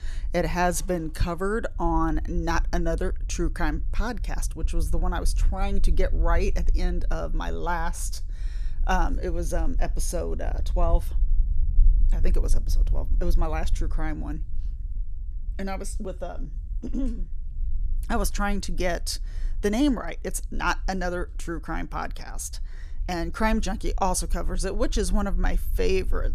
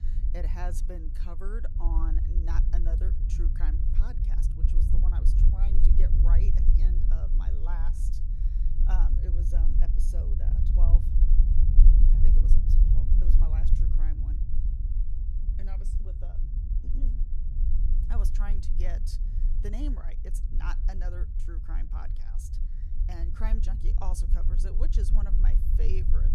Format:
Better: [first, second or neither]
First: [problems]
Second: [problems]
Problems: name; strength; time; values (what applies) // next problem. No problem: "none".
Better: first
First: low rumble; faint; throughout; 25 dB below the speech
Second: low rumble; loud; throughout; 2 dB below the speech